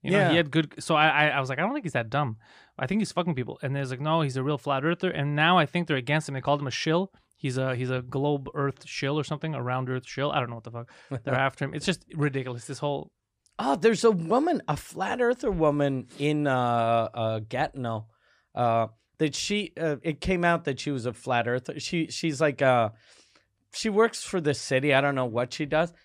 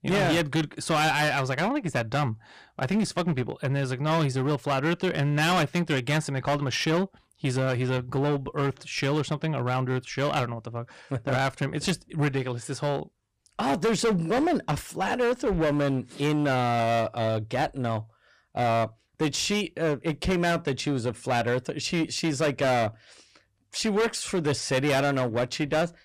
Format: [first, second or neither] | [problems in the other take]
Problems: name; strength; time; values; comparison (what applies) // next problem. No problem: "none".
first | distortion; heavy; 14% of the sound clipped